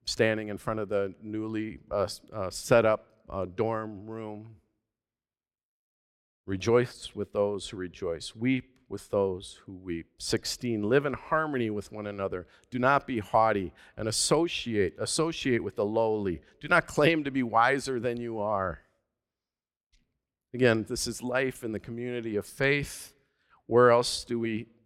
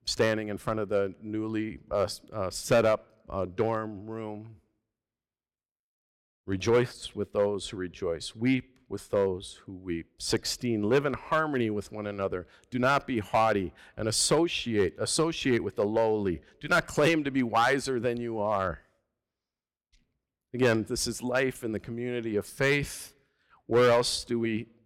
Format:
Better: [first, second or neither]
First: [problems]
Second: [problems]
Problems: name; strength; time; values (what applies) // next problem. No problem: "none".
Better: first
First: none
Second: distortion; slight; 1.9% of the sound clipped